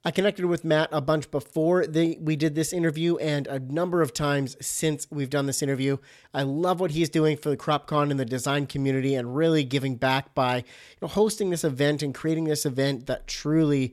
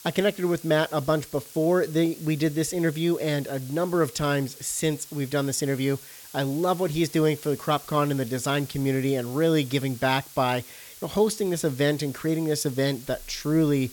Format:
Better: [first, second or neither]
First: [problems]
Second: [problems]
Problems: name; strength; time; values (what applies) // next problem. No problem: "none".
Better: first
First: none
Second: hiss; noticeable; throughout; 15 dB below the speech